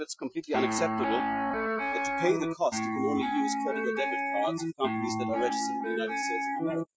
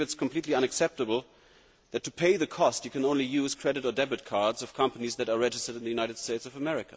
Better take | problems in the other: second | noise reduction (classical method Wiener filter)

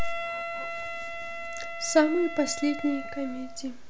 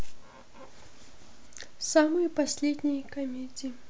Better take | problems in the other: second | background sound (Wind instrument, woodwind instrument); 8 dB below the speech

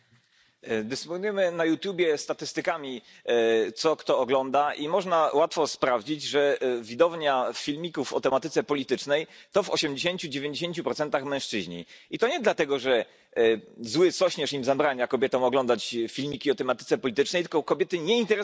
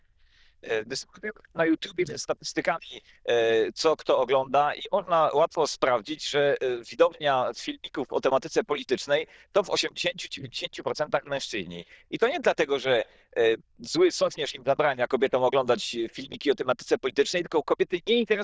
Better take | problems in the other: first | noise reduction (neural diffusion model UNIVERSE++)

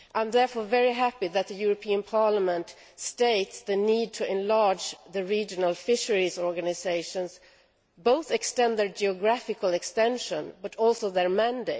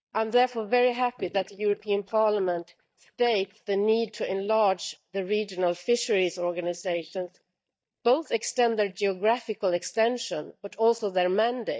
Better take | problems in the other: first | noise reduction (neural mask model DeepFilterNet 3)

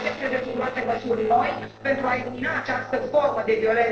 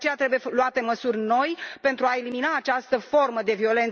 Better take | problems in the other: second | noise reduction (neural separator model SepFormer DNS4)

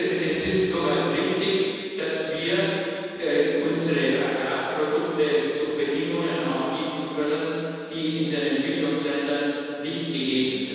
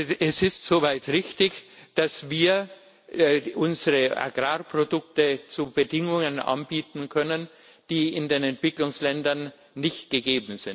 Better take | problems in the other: second | room echo; dies away in 2.1 s

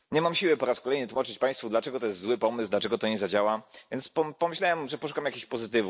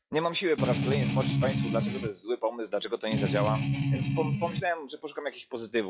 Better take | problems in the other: first | noise reduction (classical method log-MMSE)

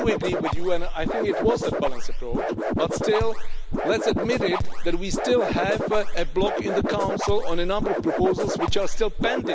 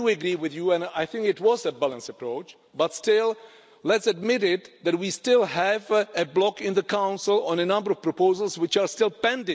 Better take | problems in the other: second | background sound (Scratching (performance technique)); 3 dB above the speech

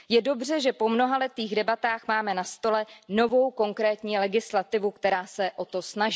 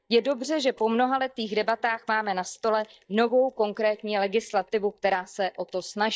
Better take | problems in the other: first | noise reduction (neural mask model DeepFilterNet 3)

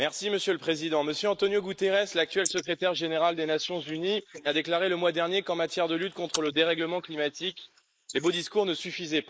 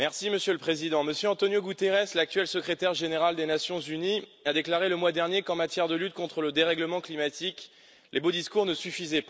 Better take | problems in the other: second | noise reduction (neural mask model Resemble Enhance denoiser)

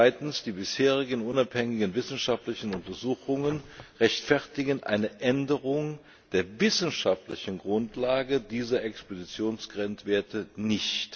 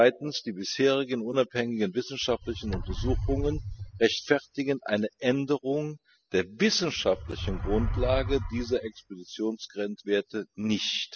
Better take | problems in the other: first | noise reduction (classical method spectral subtraction)

